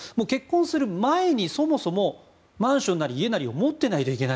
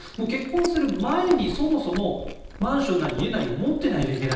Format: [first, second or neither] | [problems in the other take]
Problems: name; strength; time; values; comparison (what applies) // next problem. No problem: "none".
first | background sound (Chewing, mastication); 11 dB below the speech // room echo; dies away in 0.9 s